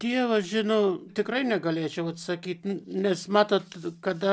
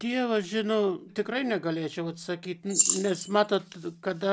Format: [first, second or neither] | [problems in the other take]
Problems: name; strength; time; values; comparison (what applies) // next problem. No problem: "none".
first | background sound (Rattle / Keys jangling); 2 dB below the speech